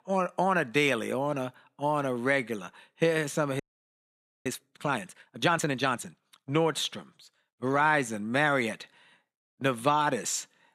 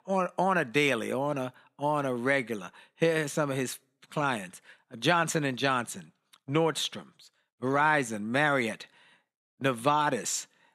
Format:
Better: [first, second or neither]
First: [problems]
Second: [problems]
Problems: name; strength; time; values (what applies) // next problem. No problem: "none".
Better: second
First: audio freezing; at 3.5 s for 1 s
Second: none